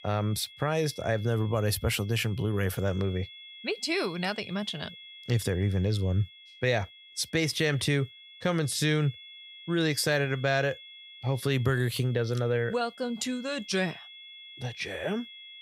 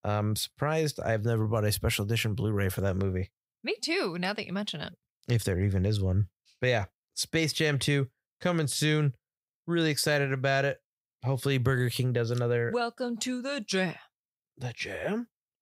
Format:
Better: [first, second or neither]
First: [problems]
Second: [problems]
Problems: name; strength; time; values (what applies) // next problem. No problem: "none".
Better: second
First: high-pitched whine; noticeable; throughout; 3.5 kHz, 15 dB below the speech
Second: none